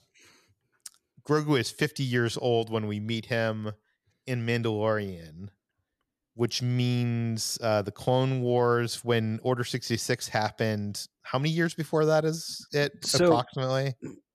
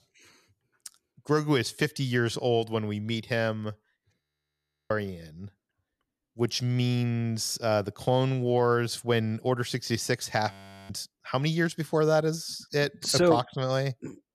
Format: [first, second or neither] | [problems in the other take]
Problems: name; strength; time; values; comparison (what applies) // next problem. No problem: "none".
first | audio freezing; at 4 s for 0.5 s and at 11 s